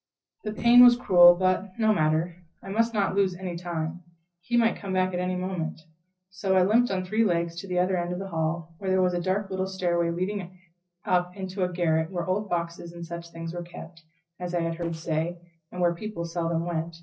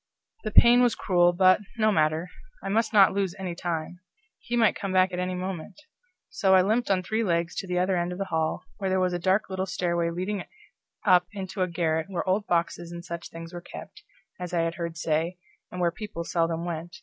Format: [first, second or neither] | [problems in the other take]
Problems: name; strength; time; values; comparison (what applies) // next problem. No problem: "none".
second | noise reduction (neural separator model SepFormer DNS4)